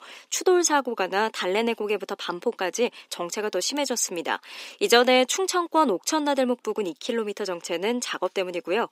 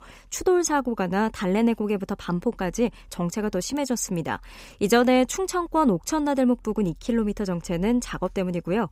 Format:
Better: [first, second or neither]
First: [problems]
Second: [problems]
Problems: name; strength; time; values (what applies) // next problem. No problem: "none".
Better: second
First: thin; somewhat; fading below 300 Hz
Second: none